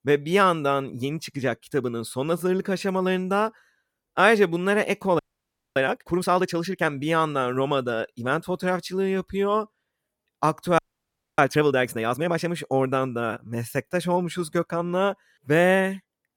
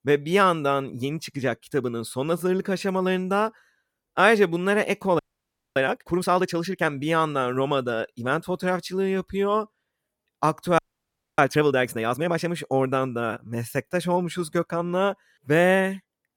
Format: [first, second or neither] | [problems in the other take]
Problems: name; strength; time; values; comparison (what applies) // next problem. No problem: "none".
neither | audio freezing; at 5 s for 0.5 s and at 11 s for 0.5 s; the same in both